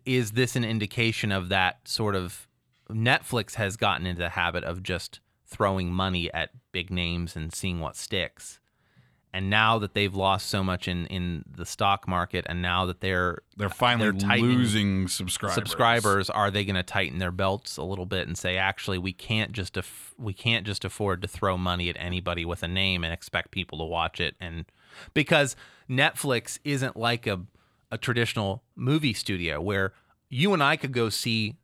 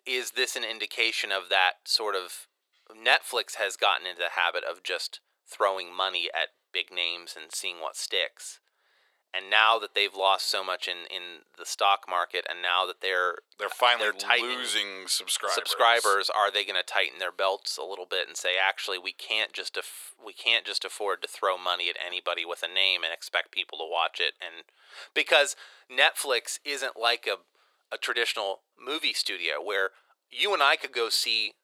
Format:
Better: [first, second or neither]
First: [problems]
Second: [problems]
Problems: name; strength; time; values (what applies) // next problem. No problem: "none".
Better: first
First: none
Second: thin; very; fading below 450 Hz